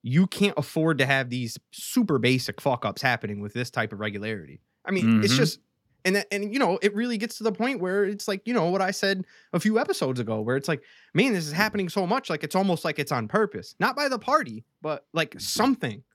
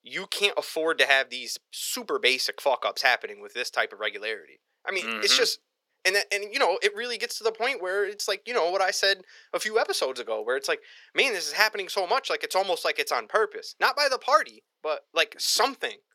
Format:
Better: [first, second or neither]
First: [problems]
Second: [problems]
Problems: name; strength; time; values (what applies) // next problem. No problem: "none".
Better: first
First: none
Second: thin; very; fading below 450 Hz